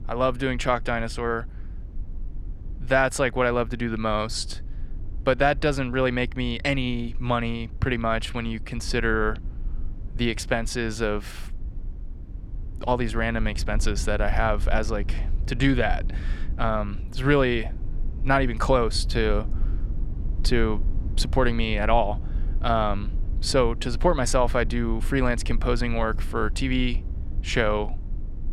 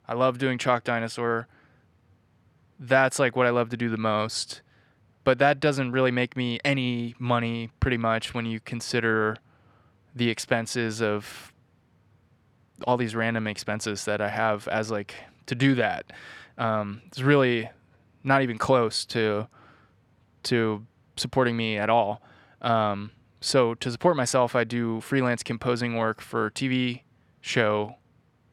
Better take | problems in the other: second | low rumble; faint; throughout; 25 dB below the speech

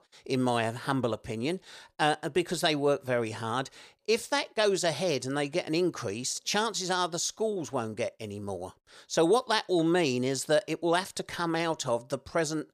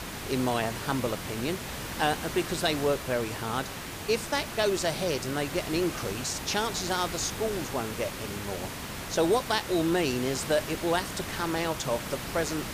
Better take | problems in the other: first | hiss; loud; throughout; 6 dB below the speech

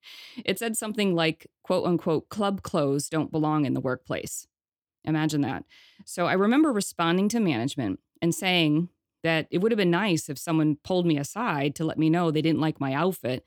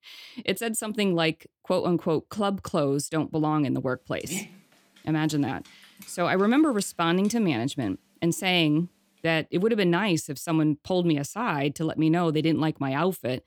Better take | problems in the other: first | dog barking; faint; from 4 to 7.5 s; peak 10 dB below the speech

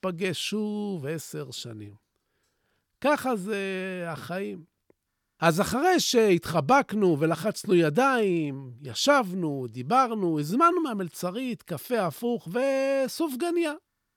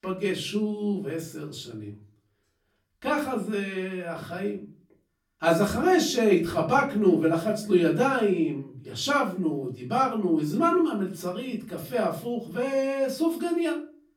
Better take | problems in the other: first | off-mic speech; far // room echo; slight; dies away in 0.3 s

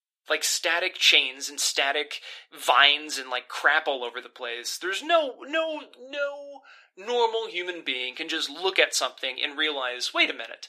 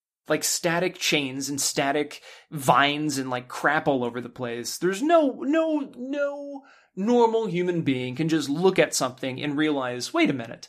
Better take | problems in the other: second | thin; very; fading below 400 Hz

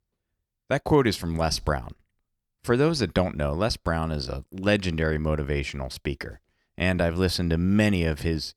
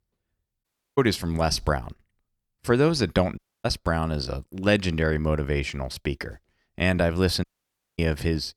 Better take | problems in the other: first | audio cutting out; at 0.5 s, at 3.5 s and at 7.5 s for 0.5 s

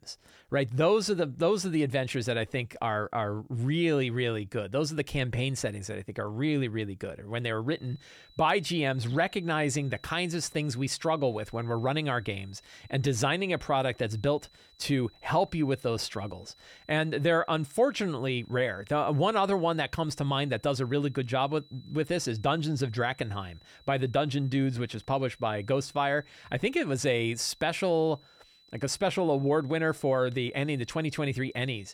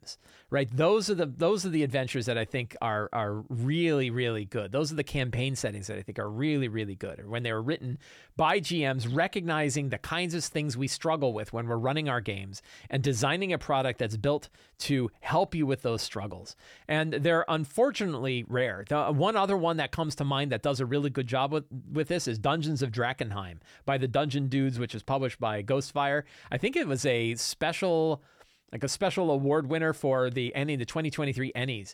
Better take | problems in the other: second | high-pitched whine; faint; from 7.5 s on; 4 kHz, 30 dB below the speech

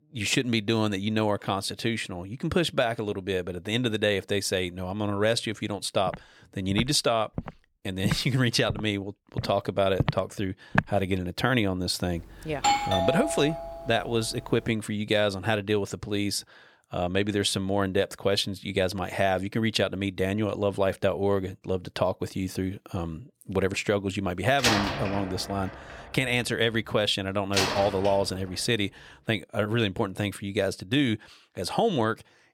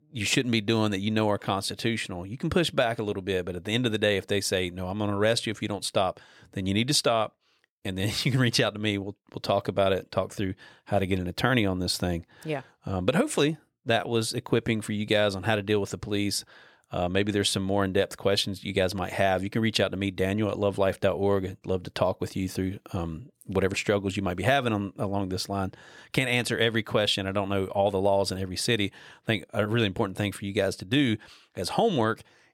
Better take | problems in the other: second | footsteps; noticeable; from 6 to 11 s; peak 1 dB below the speech // doorbell; loud; from 13 to 14 s; peak 4 dB above the speech // door banging; loud; from 25 to 28 s; peak 3 dB above the speech

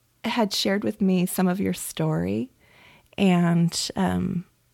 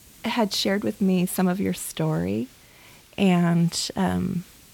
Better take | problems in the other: first | hiss; faint; throughout; 25 dB below the speech

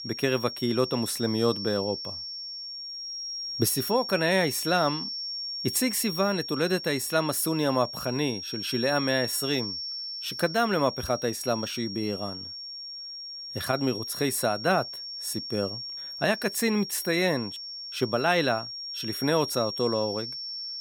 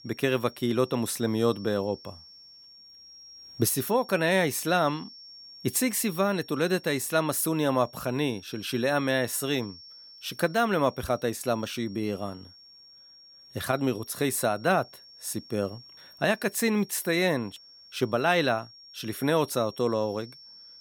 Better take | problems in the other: second | high-pitched whine; loud; throughout; 5.5 kHz, 6 dB below the speech; faint in the second

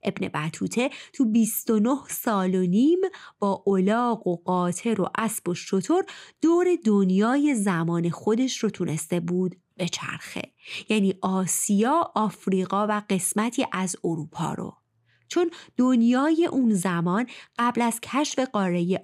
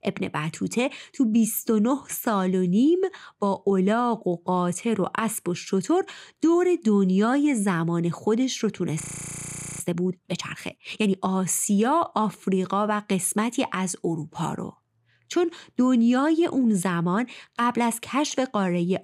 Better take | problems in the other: first | audio freezing; at 9 s for 1 s

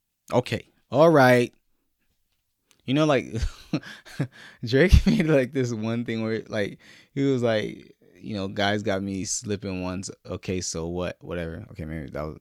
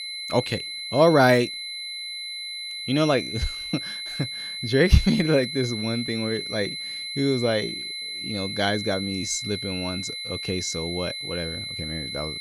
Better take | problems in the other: first | high-pitched whine; loud; throughout; 4 kHz, 6 dB below the speech

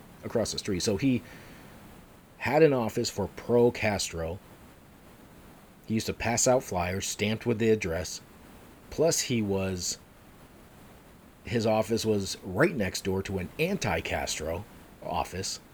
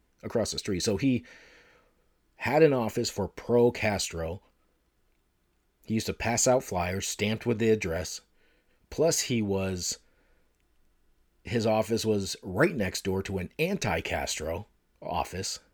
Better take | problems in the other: second | hiss; faint; throughout; 25 dB below the speech

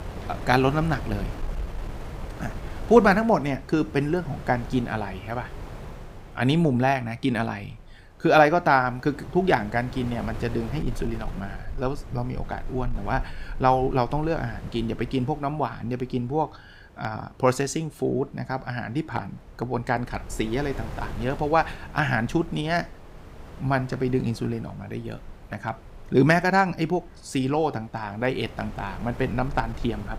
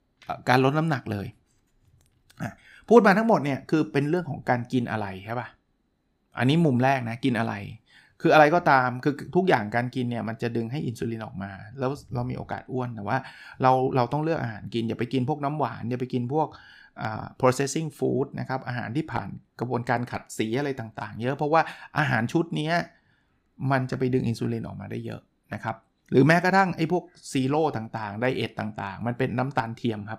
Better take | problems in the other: second | wind noise on the microphone; occasional gusts; 20 dB below the speech

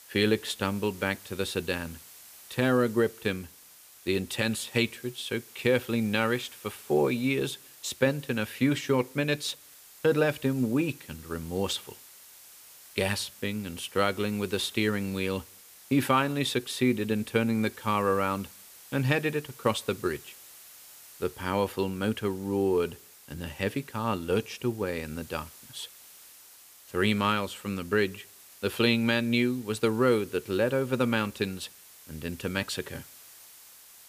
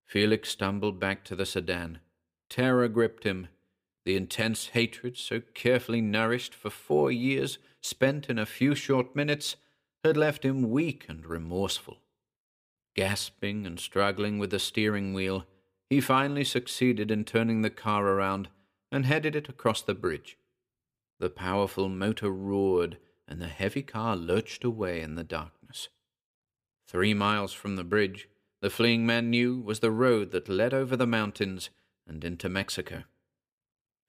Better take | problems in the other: second | hiss; noticeable; throughout; 20 dB below the speech

